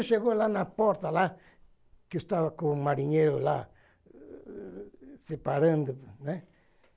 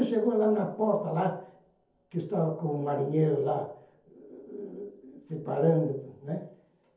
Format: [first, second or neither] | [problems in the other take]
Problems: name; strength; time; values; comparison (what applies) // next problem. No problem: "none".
first | room echo; dies away in 0.5 s